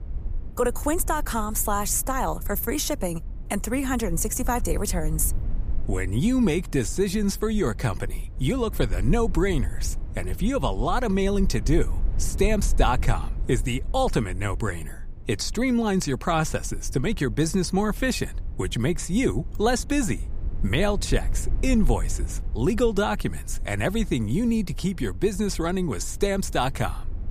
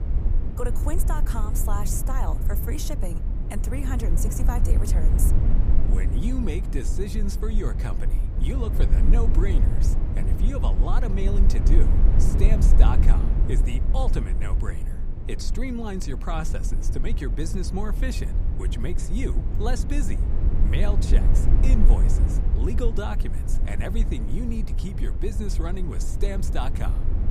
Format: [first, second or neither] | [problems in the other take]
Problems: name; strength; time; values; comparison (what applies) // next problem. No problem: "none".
first | low rumble; loud; throughout; 5 dB below the speech; faint in the first